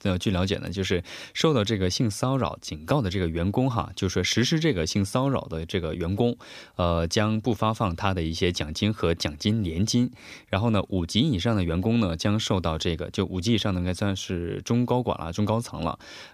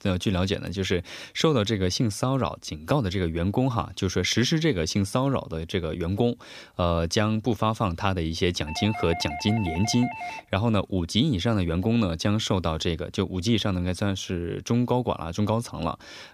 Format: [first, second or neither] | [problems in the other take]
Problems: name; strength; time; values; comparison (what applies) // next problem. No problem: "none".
first | doorbell; noticeable; from 8.5 to 10 s; peak 8 dB below the speech